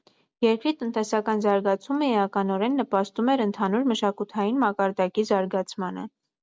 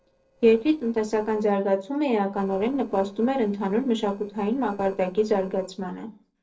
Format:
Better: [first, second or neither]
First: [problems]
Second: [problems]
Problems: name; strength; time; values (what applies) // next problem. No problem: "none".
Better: first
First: none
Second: noise reduction (neural separator model SepFormer DNS4)